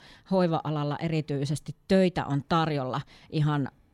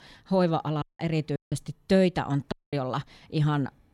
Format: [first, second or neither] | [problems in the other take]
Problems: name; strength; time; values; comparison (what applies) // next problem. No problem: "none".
first | audio cutting out; at 1 s, at 1.5 s and at 2.5 s